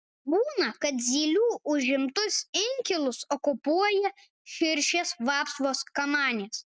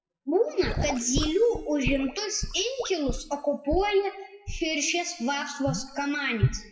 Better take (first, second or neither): first